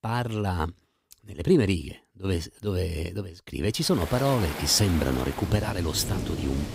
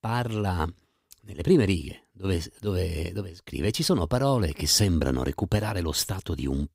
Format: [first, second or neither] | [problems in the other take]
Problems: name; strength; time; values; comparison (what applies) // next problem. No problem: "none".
second | rain or running water; loud; from 4 s on; 8 dB below the speech